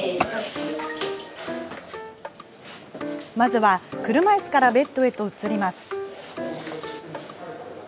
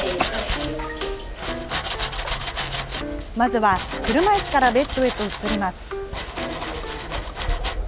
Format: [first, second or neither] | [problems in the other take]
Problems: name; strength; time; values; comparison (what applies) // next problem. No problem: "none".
first | background sound (Domestic sounds, home sounds); 4 dB below the speech